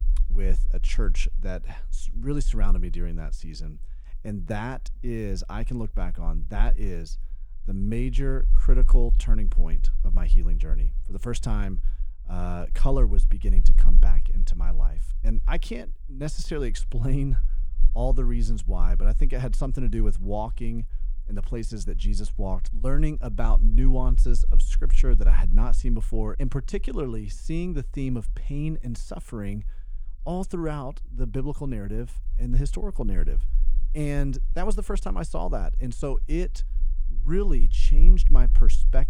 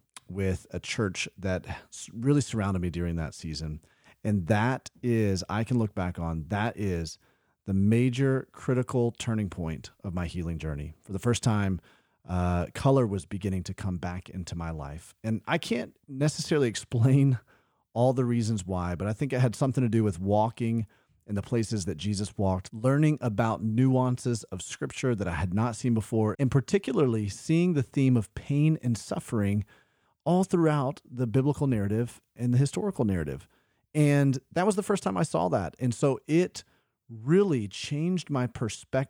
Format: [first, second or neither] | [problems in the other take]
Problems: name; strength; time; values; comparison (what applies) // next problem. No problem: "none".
second | low rumble; noticeable; throughout; 20 dB below the speech